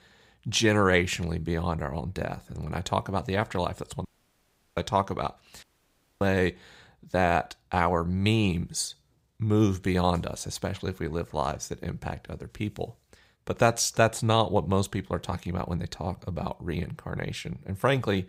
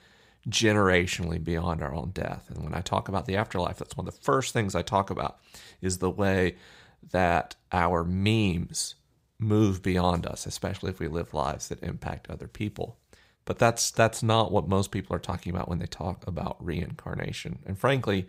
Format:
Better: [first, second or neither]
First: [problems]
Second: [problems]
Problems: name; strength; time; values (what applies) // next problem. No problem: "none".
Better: second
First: audio cutting out; at 4 s for 0.5 s and at 5.5 s for 0.5 s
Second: none